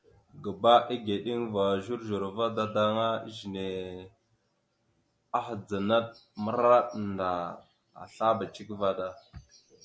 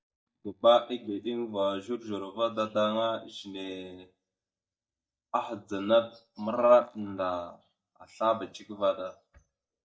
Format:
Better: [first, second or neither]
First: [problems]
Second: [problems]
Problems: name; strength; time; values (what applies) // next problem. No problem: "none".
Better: first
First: none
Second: noise reduction (neural mask model DeepFilterNet 3)